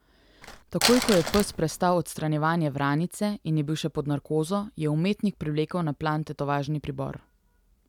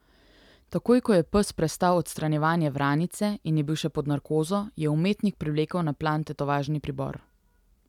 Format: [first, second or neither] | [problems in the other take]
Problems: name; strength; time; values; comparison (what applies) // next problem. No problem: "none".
second | background sound (Crumpling, crinkling); 4 dB below the speech